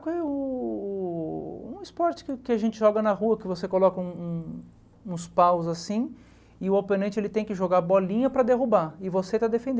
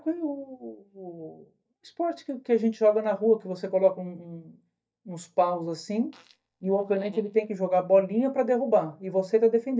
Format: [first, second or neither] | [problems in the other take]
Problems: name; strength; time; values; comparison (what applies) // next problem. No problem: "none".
first | noise reduction (neural mask model DeepFilterNet 3)